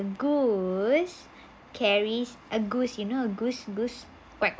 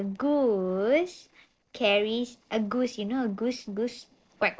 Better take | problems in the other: first | noise reduction (neural separator model SepFormer DNS4)

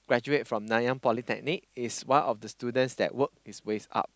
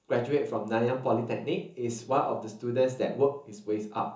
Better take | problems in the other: first | room echo; dies away in 0.8 s

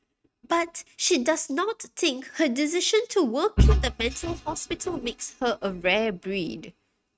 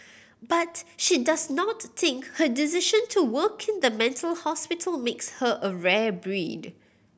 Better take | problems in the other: second | noise reduction (neural mask model RNNoise)

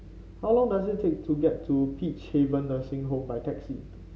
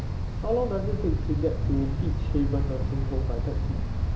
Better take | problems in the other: first | background sound (Wind); 4 dB above the speech

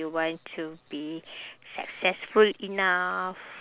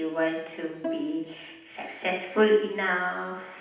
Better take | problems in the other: first | background sound (Bowed string instrument); 11 dB below the speech // room echo; dies away in 0.8 s

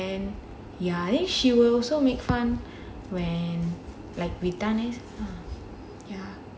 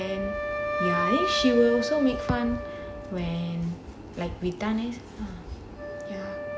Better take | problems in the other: first | background sound (Wind instrument, woodwind instrument); 4 dB below the speech

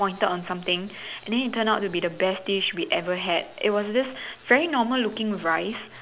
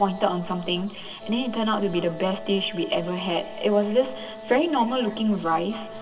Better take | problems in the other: first | background sound (Wind instrument, woodwind instrument); 15 dB below the speech // room echo; dies away in 2.4 s

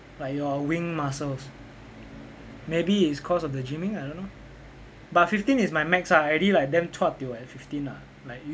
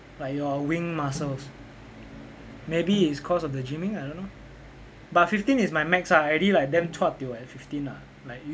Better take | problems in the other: first | background sound (Snare drum); 17 dB below the speech

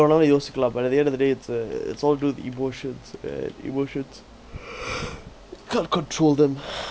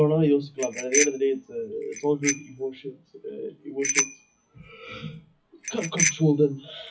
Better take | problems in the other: first | noise reduction (classical method WPE with log-MMSE)

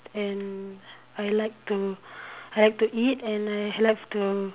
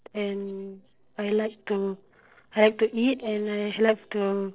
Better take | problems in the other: first | noise reduction (neural separator model SepFormer DNS4)

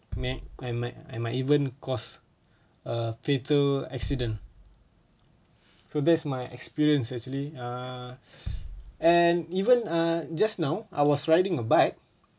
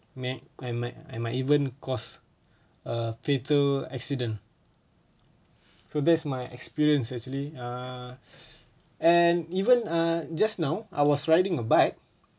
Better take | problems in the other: second | background sound (Bass drum); 16 dB below the speech

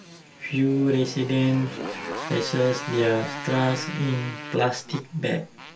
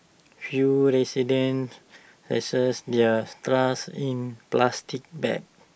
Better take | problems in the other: second | background sound (Motorcycle); 11 dB below the speech // room echo; dies away in 0.2 s

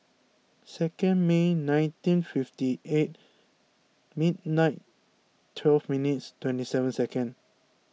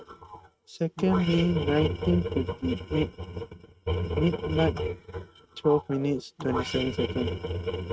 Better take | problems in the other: first | noise reduction (neural mask model RNNoise)

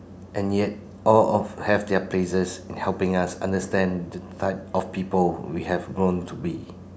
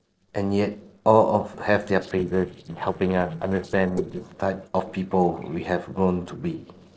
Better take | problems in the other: first | noise reduction (neural separator model SepFormer DNS4)

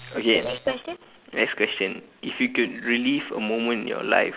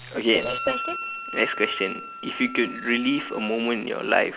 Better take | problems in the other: first | background sound (Wind instrument, woodwind instrument); 10 dB below the speech

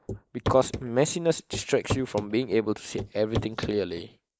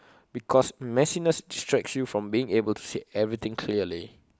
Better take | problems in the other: second | noise reduction (neural mask model Resemble Enhance denoiser)

